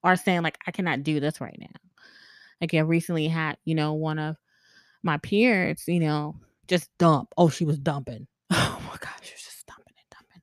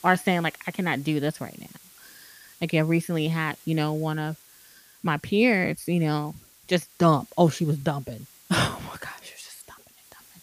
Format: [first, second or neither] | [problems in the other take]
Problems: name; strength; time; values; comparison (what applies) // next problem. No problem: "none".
first | hiss; faint; throughout; 25 dB below the speech